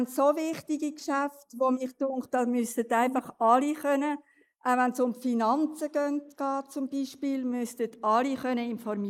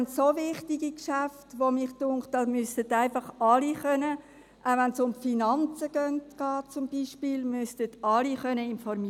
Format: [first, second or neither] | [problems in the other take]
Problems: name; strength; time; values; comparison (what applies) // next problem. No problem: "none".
second | noise reduction (neural mask model Resemble Enhance denoiser)